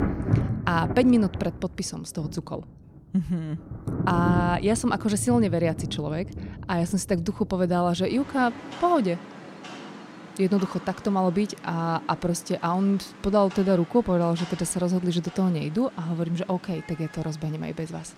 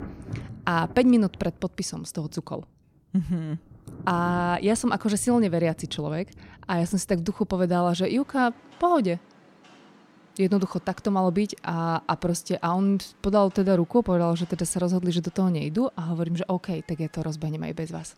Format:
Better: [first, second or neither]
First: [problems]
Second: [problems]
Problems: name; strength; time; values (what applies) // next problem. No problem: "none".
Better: second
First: rain or running water; loud; throughout; 9 dB below the speech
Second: rain or running water; faint; throughout; 20 dB below the speech